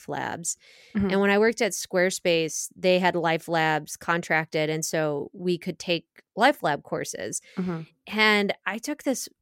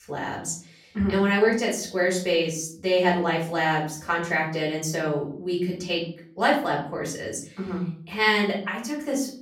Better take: first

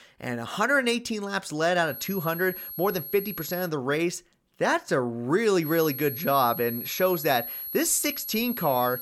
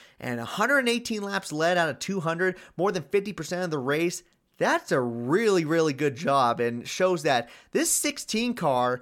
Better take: second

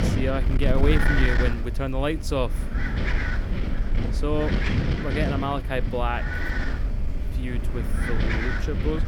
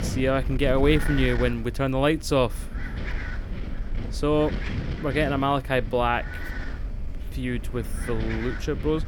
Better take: second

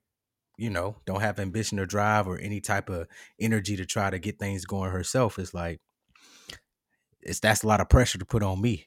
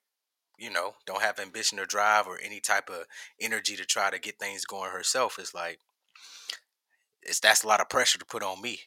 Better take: first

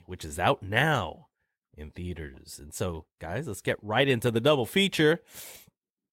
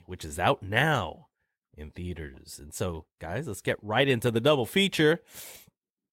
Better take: neither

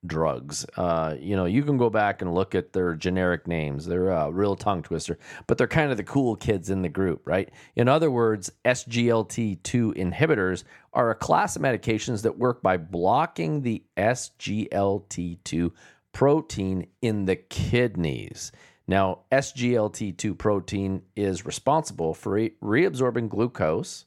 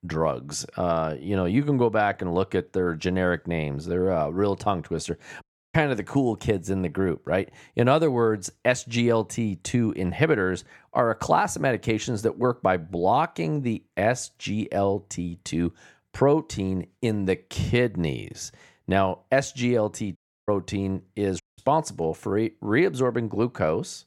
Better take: first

